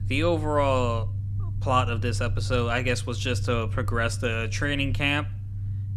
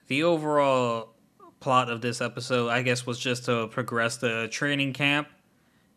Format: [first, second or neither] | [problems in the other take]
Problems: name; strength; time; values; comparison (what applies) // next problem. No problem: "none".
second | low rumble; noticeable; throughout; 20 dB below the speech